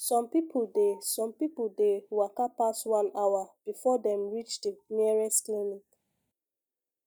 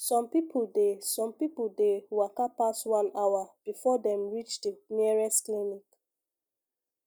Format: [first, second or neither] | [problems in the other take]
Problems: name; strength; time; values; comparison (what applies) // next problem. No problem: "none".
second | noise reduction (neural mask model DeepFilterNet 3)